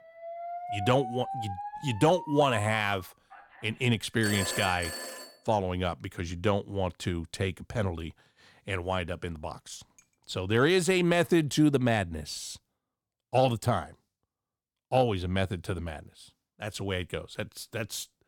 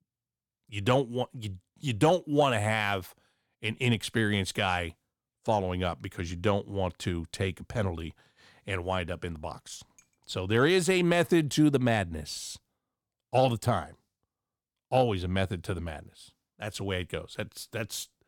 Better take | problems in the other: second | alarms or sirens; loud; until 5 s; 8 dB below the speech

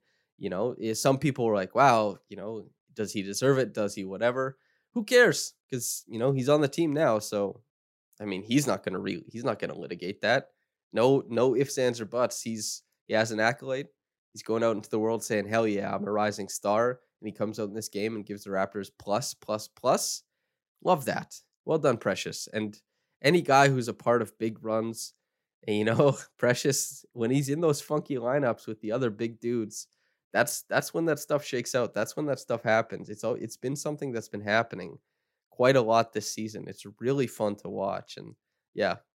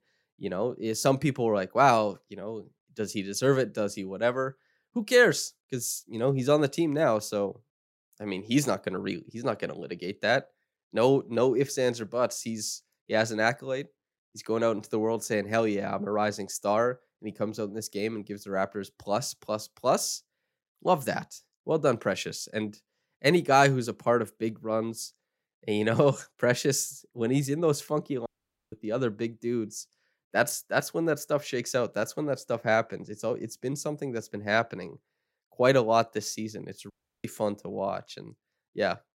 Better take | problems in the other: first | audio cutting out; at 28 s and at 37 s

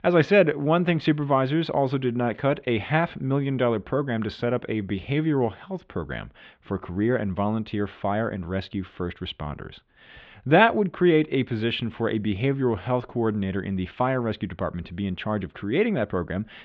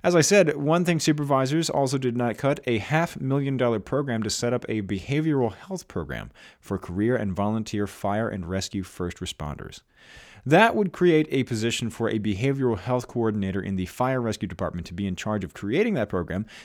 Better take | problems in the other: second | muffled; very; fading above 3.5 kHz

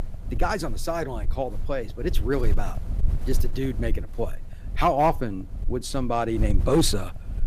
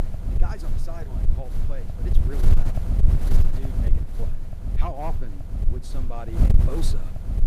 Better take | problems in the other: first | wind noise on the microphone; heavy; 1 dB below the speech; occasional gusts in the first

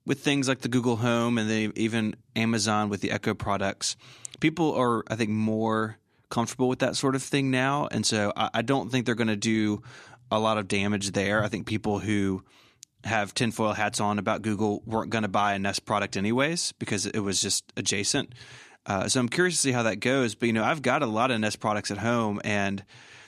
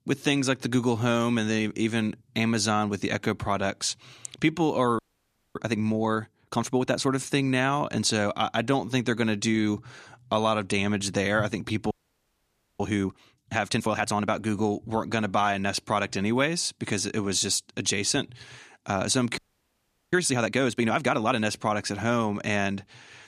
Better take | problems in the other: first | audio freezing; at 5 s for 0.5 s, at 12 s for 1 s and at 19 s for 0.5 s

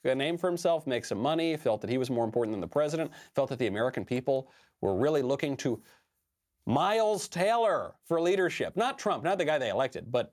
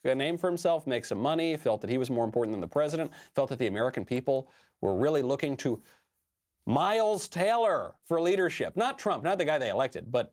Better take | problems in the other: first | garbled, watery; slightly; nothing above 15.5 kHz

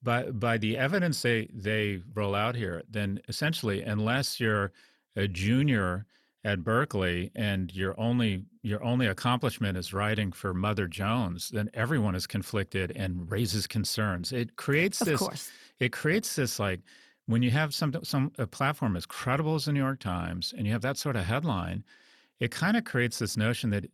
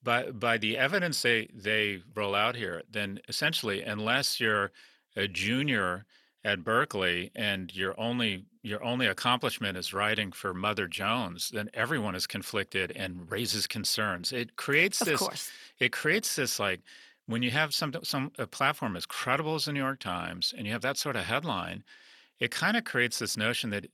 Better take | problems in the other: first | thin; somewhat; fading below 450 Hz

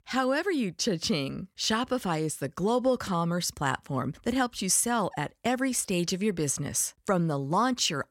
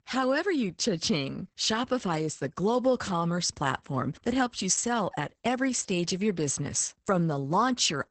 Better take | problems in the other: first | garbled, watery; badly; nothing above 8 kHz

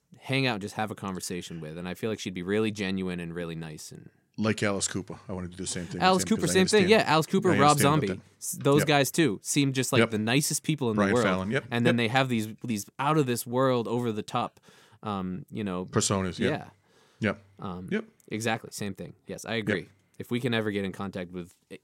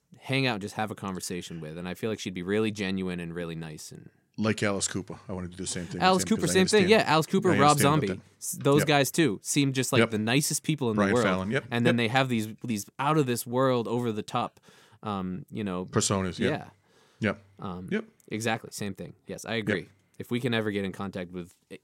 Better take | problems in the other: neither | none

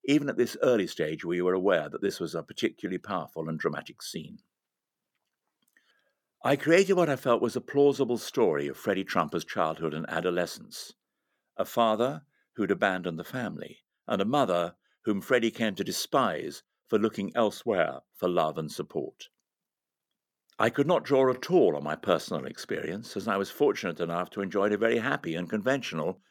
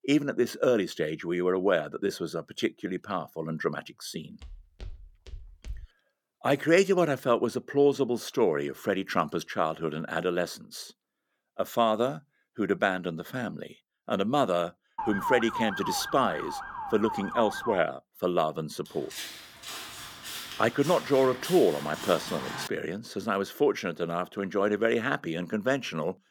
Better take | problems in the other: first | footsteps; faint; from 4.5 to 6 s; peak 15 dB below the speech // siren; noticeable; from 15 to 18 s; peak 3 dB below the speech // footsteps; noticeable; from 19 to 23 s; peak 8 dB below the speech

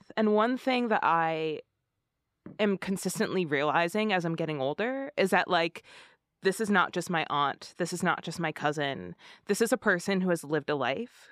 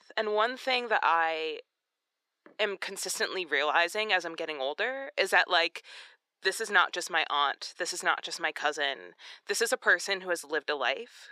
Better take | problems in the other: first | thin; very; fading below 400 Hz

